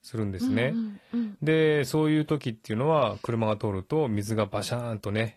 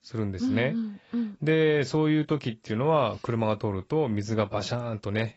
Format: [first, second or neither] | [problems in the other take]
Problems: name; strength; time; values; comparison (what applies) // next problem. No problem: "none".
first | garbled, watery; badly; nothing above 7.5 kHz; slightly in the first